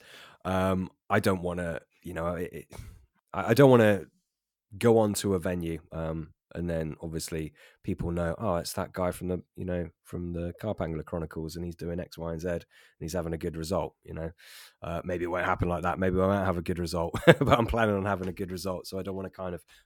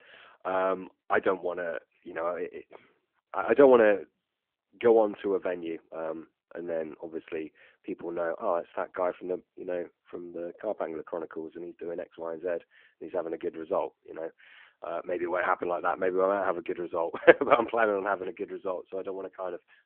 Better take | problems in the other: first | phone-call audio

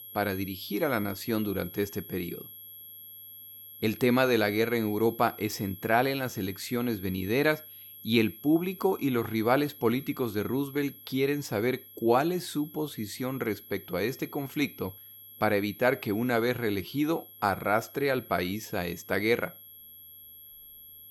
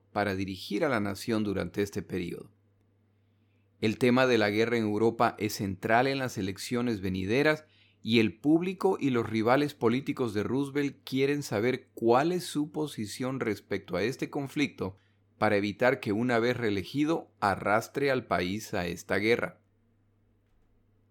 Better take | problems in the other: second | high-pitched whine; noticeable; throughout; 11.5 kHz, 15 dB below the speech

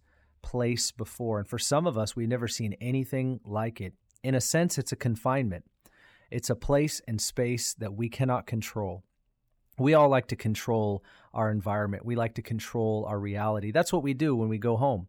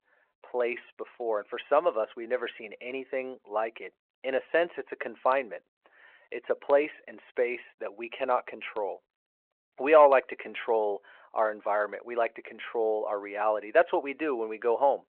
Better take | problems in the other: first | phone-call audio

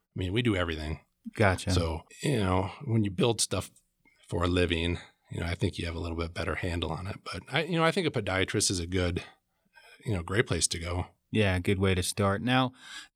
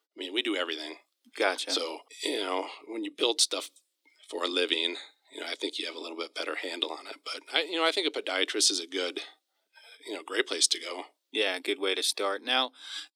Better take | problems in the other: first | thin; somewhat; fading below 300 Hz

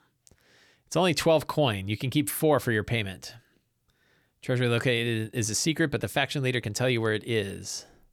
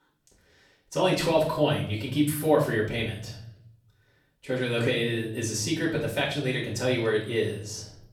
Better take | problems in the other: first | off-mic speech; far // room echo; noticeable; dies away in 0.6 s

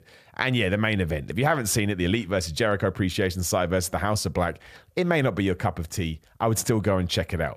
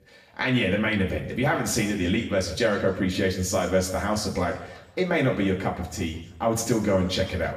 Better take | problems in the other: first | room echo; slight; dies away in 0.9 s // off-mic speech; far

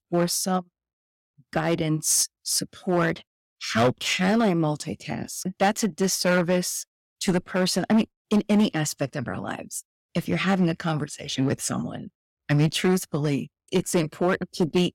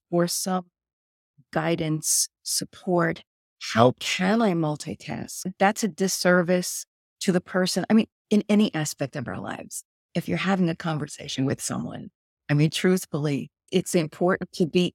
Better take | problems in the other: second | distortion; slight; 4% of the sound clipped

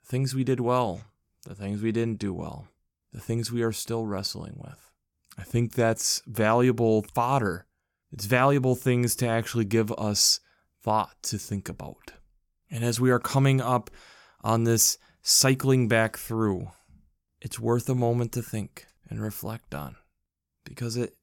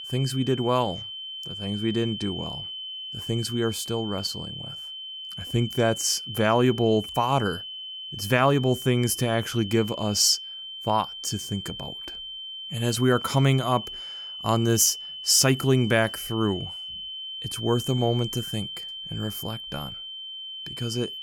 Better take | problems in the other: first | high-pitched whine; loud; throughout; 3 kHz, 10 dB below the speech

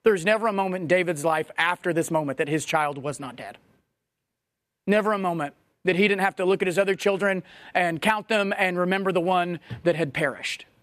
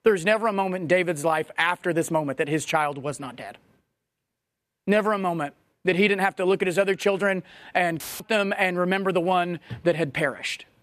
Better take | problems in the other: first | audio cutting out; filled with static; at 8 s

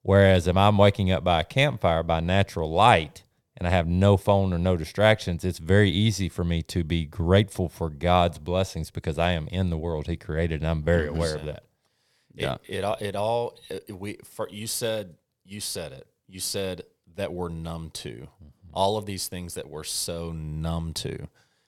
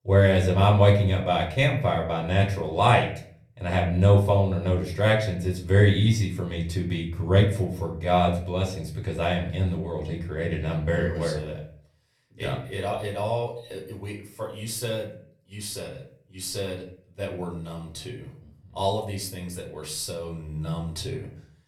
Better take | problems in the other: first | off-mic speech; far // room echo; slight; dies away in 0.4 s

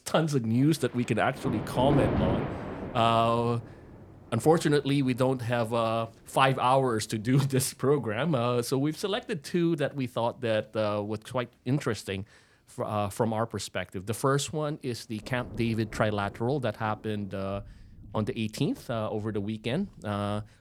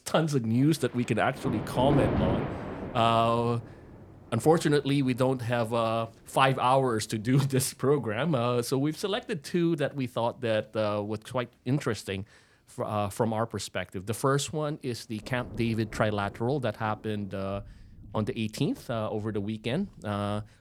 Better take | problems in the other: neither | rain or running water; loud; throughout; 7 dB below the speech; the same in both

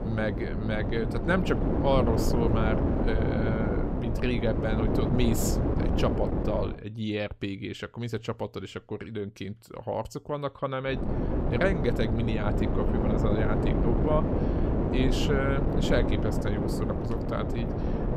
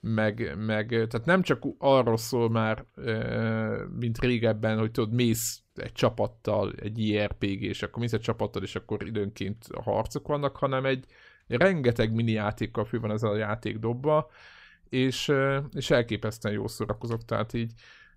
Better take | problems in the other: second | wind noise on the microphone; heavy; until 6.5 s and from 11 s on; 1 dB below the speech

